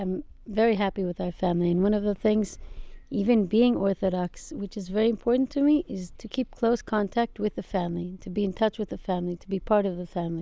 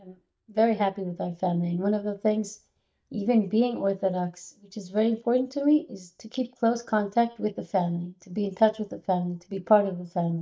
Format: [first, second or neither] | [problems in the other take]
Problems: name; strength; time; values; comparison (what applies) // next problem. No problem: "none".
first | noise reduction (neural mask model DeepFilterNet 3)